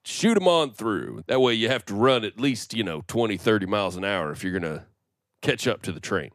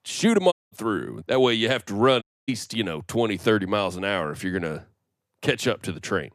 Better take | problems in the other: first | audio cutting out; at 0.5 s and at 2 s

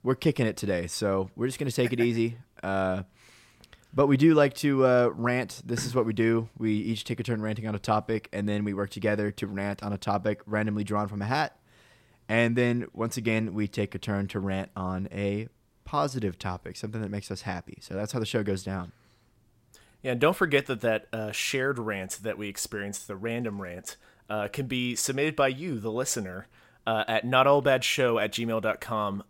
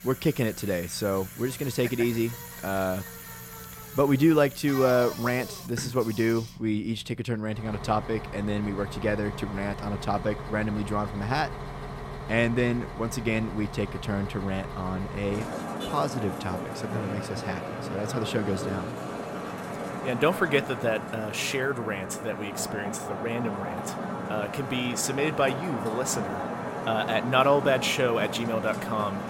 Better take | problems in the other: first | traffic noise; loud; throughout; 8 dB below the speech

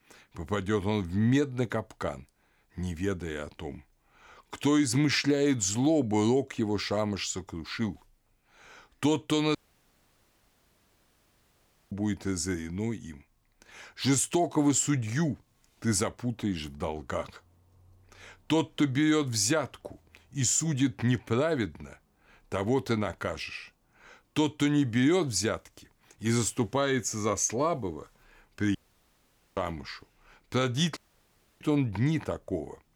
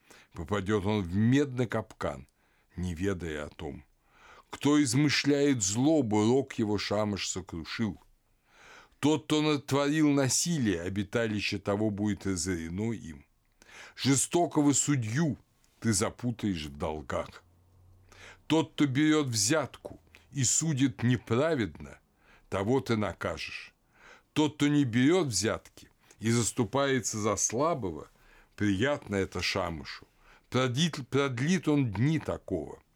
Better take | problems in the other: second | audio cutting out; at 9.5 s for 2.5 s, at 29 s for 1 s and at 31 s for 0.5 s

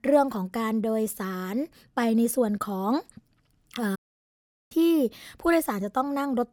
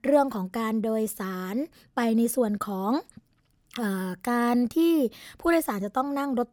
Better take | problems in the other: second | audio cutting out; at 4 s for 1 s

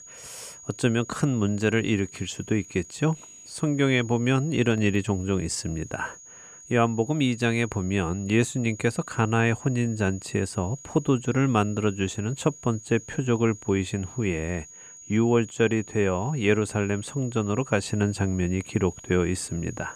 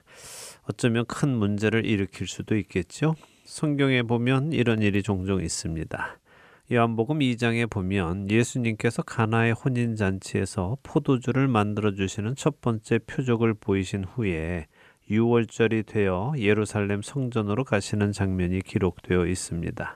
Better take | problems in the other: second | high-pitched whine; noticeable; throughout; 6.5 kHz, 15 dB below the speech

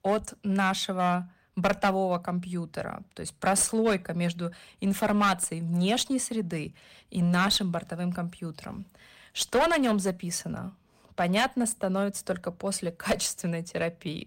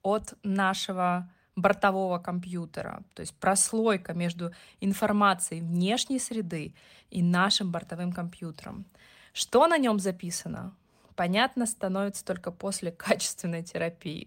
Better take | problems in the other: second | distortion; slight; 5% of the sound clipped

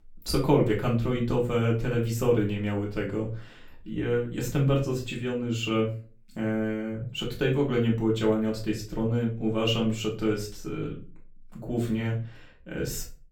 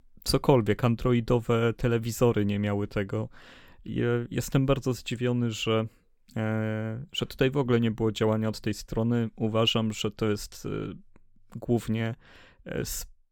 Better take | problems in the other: second | off-mic speech; far // room echo; slight; dies away in 0.3 s

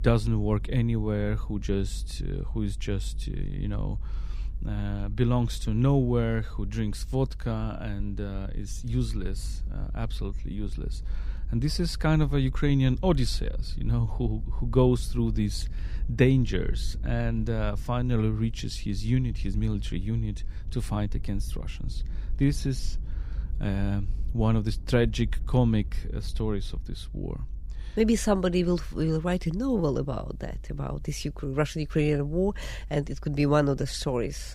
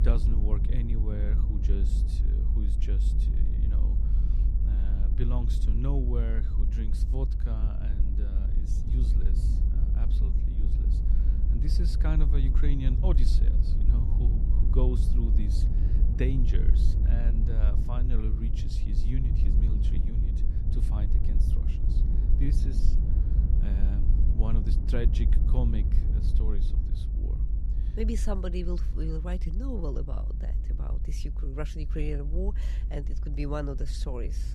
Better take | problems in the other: first | low rumble; loud; throughout; 4 dB below the speech; faint in the first

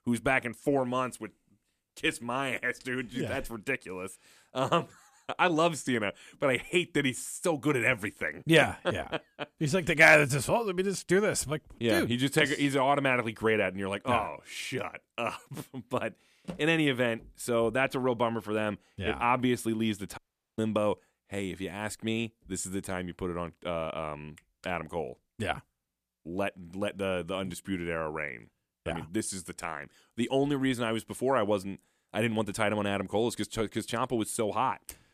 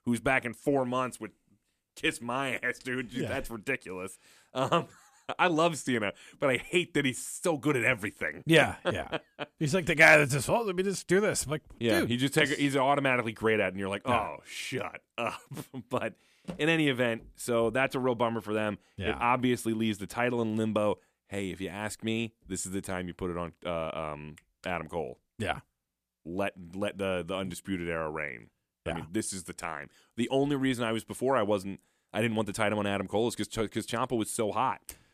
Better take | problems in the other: second | audio cutting out; at 20 s

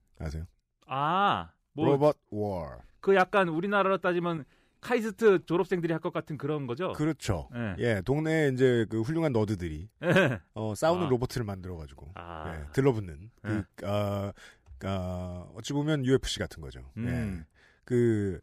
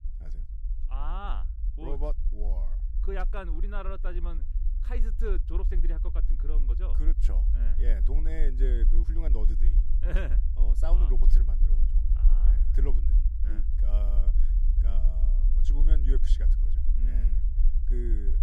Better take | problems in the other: first | low rumble; loud; throughout; 9 dB below the speech

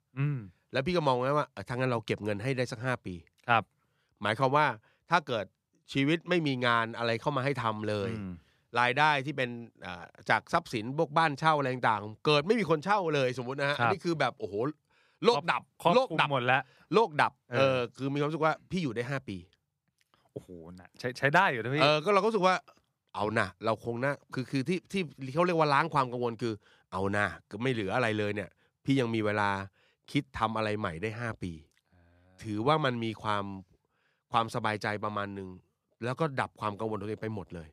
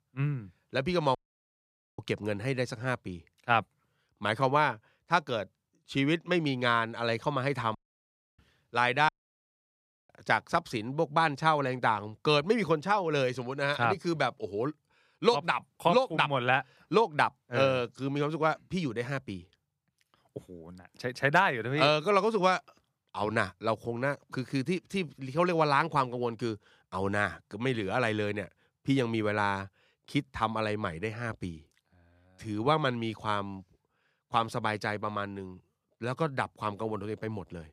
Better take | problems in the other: first | audio cutting out; at 1 s for 1 s, at 8 s for 0.5 s and at 9 s for 1 s

